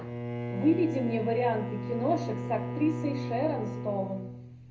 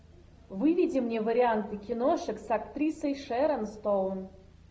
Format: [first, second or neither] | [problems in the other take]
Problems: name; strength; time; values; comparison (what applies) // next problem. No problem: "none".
second | background sound (Bowed string instrument); 4 dB below the speech // room echo; dies away in 0.3 s